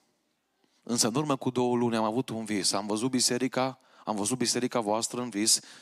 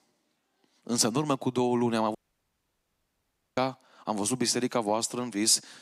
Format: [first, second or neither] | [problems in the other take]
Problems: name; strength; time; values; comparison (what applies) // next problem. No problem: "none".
first | audio cutting out; at 2 s for 1.5 s